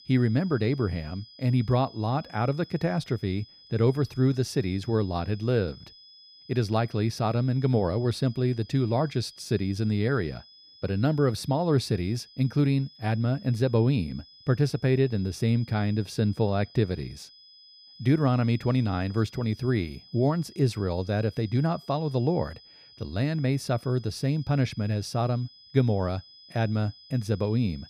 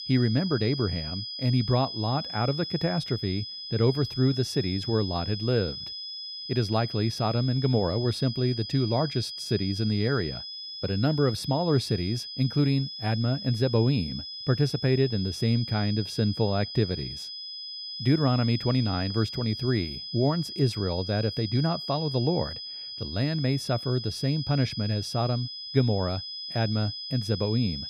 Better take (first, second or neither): first